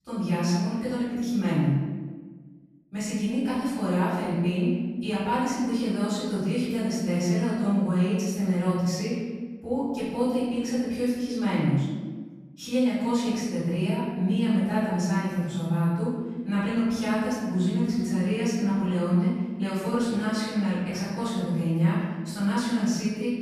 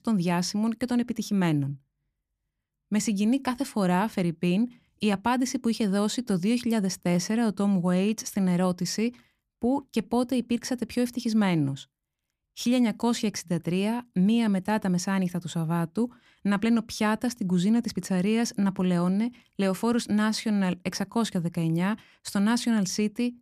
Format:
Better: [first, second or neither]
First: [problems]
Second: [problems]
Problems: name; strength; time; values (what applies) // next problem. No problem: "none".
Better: second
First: off-mic speech; far // room echo; strong; dies away in 1.3 s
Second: none